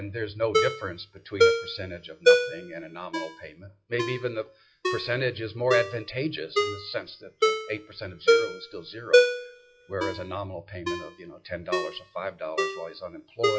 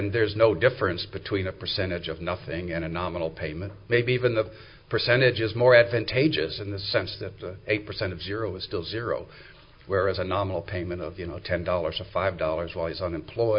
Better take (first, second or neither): second